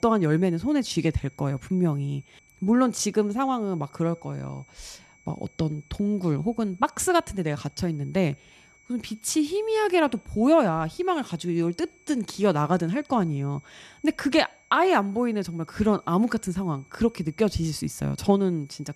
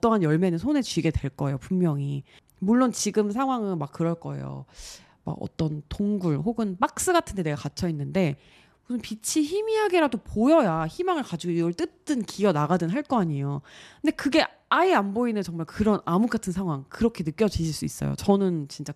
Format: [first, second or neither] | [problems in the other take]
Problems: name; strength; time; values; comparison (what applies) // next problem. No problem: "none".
second | high-pitched whine; faint; throughout; 2.5 kHz, 30 dB below the speech